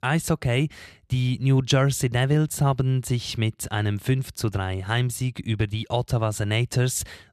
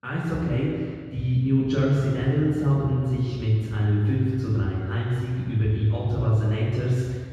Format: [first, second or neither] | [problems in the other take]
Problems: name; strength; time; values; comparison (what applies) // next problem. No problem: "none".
first | room echo; strong; dies away in 1.8 s // off-mic speech; far